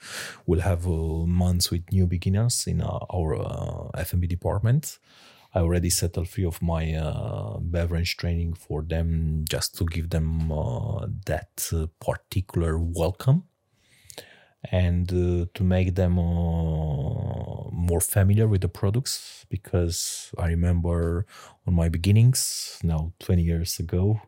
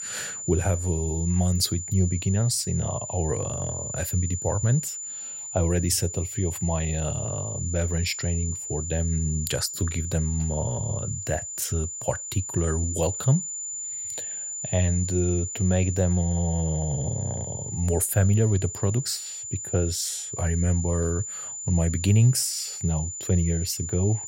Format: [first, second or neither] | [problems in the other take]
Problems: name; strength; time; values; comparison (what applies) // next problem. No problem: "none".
first | high-pitched whine; loud; throughout; 7 kHz, 6 dB below the speech